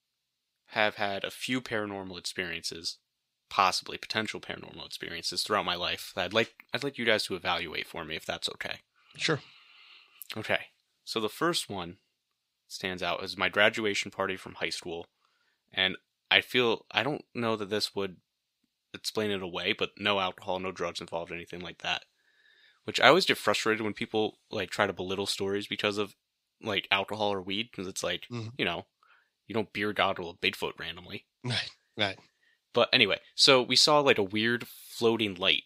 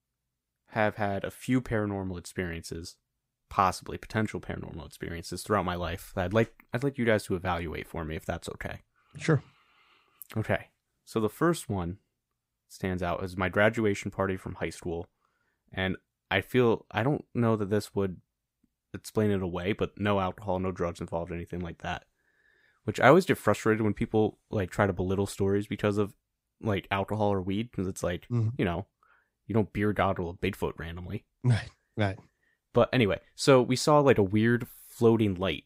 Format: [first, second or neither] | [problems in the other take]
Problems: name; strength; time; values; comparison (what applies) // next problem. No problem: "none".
second | thin; very slightly; fading below 450 Hz